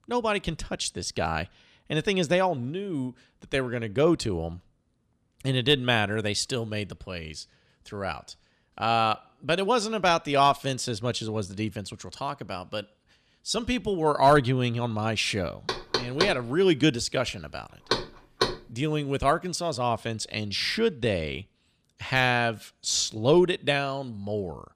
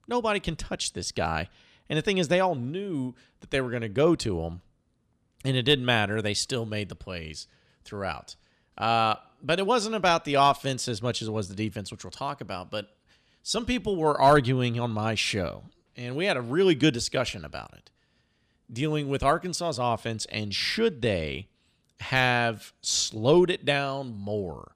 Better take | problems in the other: second | door banging; noticeable; from 16 to 19 s; peak level with the speech

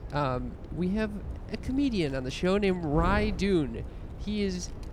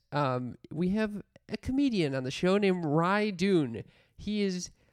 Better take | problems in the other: second | wind noise on the microphone; occasional gusts; 15 dB below the speech

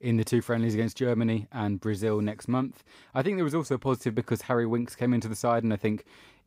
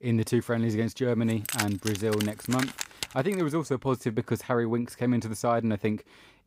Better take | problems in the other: first | jangling keys; noticeable; from 1.5 to 3.5 s; peak 3 dB below the speech

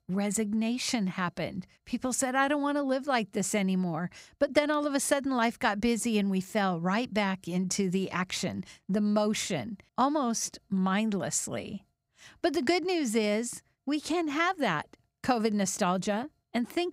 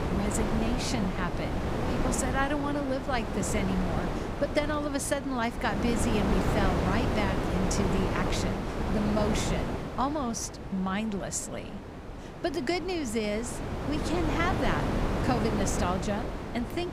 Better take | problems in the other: first | wind noise on the microphone; heavy; 2 dB below the speech

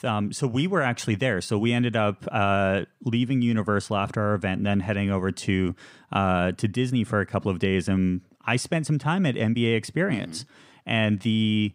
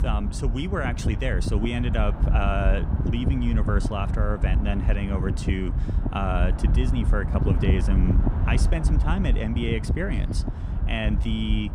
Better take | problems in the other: first | wind noise on the microphone; heavy; 7 dB below the speech

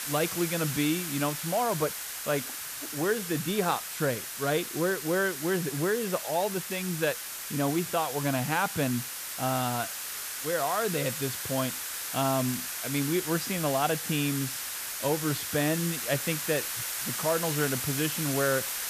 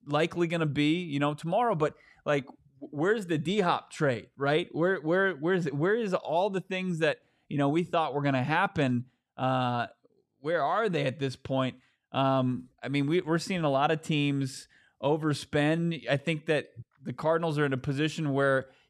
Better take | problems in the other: second | hiss; loud; throughout; 3 dB below the speech

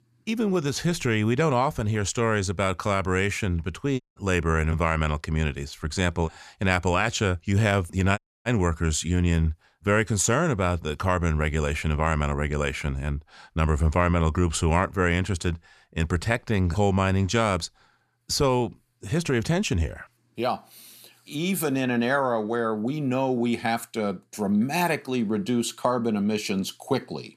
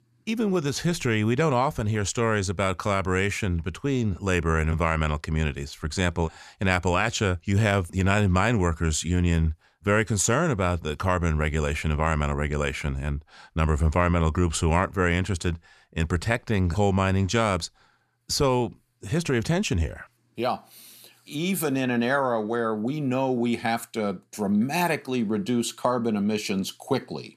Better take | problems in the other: second | audio cutting out; at 4 s and at 8 s

